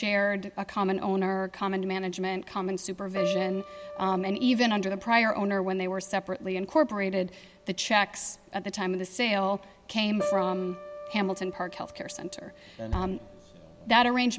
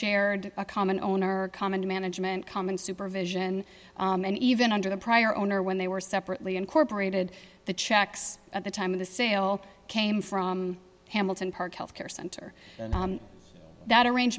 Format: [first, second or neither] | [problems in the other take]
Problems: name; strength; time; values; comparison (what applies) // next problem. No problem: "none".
second | background sound (Piano); 12 dB below the speech